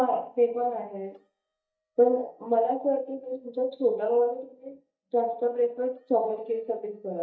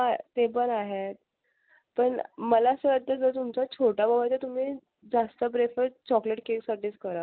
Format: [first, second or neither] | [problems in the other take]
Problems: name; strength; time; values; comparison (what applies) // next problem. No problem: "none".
second | noise reduction (neural mask model DeepFilterNet 3)